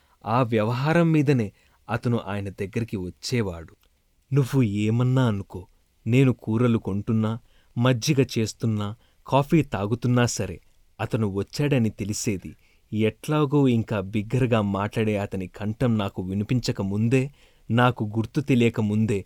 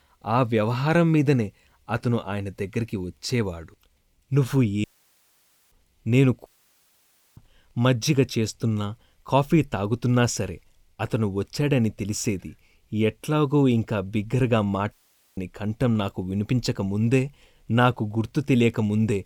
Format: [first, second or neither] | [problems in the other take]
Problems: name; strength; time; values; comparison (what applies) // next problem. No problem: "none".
first | audio cutting out; at 5 s for 1 s, at 6.5 s for 1 s and at 15 s